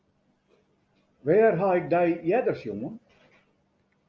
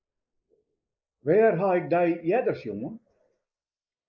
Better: first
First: none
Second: noise reduction (neural mask model Resemble Enhance denoiser)

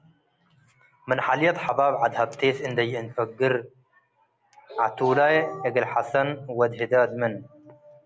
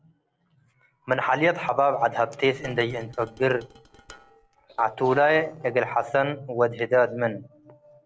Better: first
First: none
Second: noise reduction (neural separator model SepFormer DNS4)

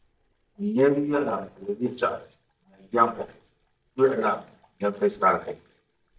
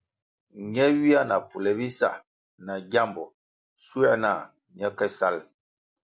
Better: second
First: noise reduction (neural mask model DeepFilterNet 3)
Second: none

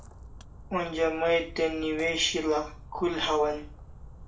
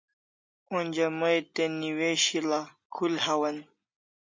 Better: second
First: background sound (Splash, splatter); 16 dB below the speech // room echo; dies away in 0.3 s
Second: none

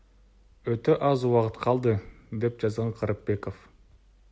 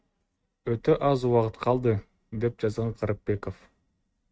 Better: first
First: none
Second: noise reduction (neural mask model RNNoise)

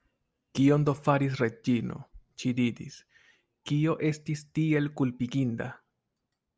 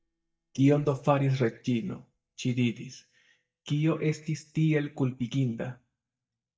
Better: first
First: none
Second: noise reduction (neural mask model DeepFilterNet 3)

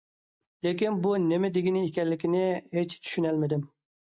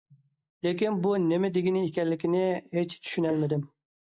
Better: first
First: none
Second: noise reduction (neural mask model Resemble Enhance denoiser)

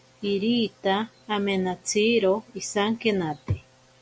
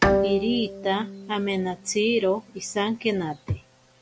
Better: first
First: none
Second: background sound (Bowed string instrument); 3 dB below the speech

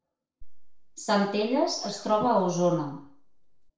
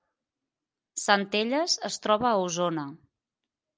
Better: second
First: noise reduction (neural separator model SepFormer DNS4)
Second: none

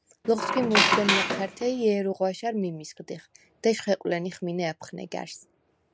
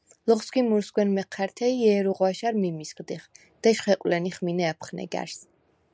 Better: second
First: background sound (Squeak); 3 dB above the speech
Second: none

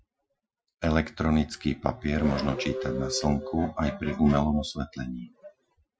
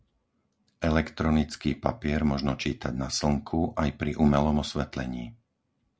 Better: second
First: noise reduction (classical method Wiener filter)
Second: none

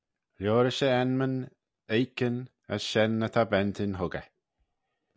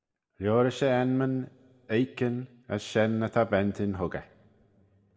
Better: first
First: none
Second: room echo; dies away in 1.1 s

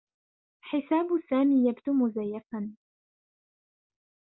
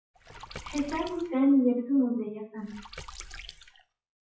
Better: first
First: none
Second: noise reduction (classical method WPE with log-MMSE)

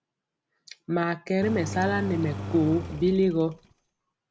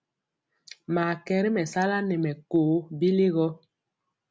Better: second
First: background sound (Engine); 8 dB below the speech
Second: none

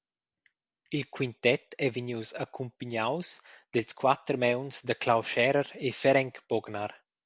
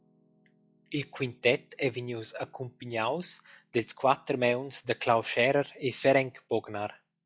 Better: first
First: none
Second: noise reduction (classical method log-MMSE)

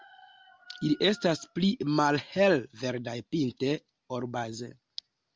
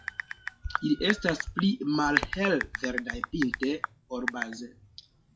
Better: first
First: none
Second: noise reduction (classical method WPE with log-MMSE)

